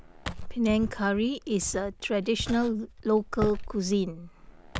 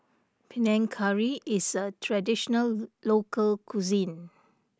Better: second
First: background sound (Walk, footsteps); 10 dB below the speech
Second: none

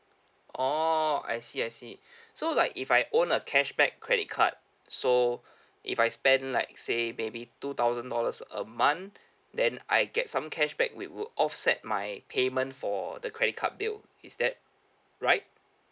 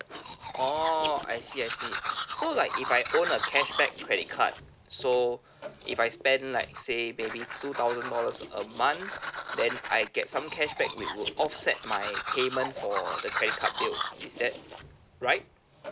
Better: first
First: none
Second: background sound (Domestic sounds, home sounds); 7 dB below the speech

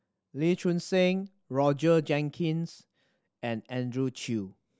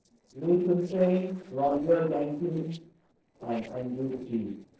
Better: first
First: none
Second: noise reduction (neural separator model SepFormer DNS4)

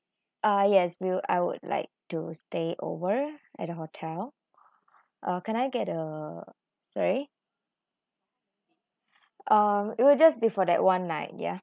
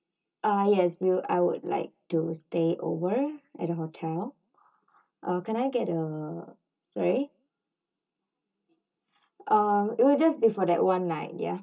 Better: first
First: none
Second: room echo; dies away in 0.2 s

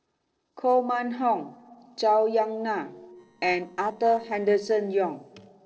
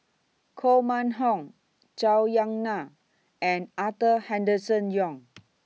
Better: second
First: noise reduction (neural separator model SepFormer DNS4)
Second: none

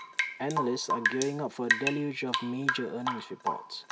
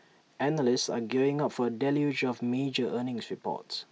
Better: second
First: background sound (Drip / Rain); 1 dB above the speech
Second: none

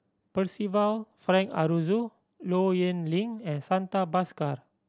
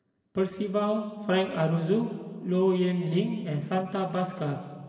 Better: first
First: none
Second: room echo; dies away in 2 s

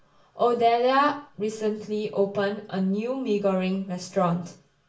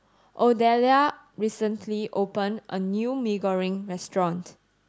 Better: second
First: room echo; dies away in 0.3 s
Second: none

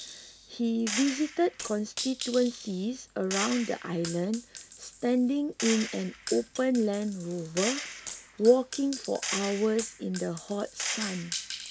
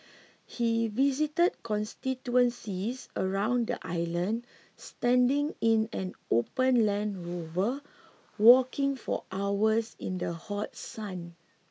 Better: second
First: background sound (Gunshot, gunfire); 9 dB below the speech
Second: none

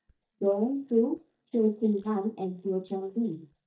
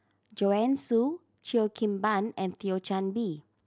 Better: second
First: noise reduction (neural mask model DeepFilterNet 3)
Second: none

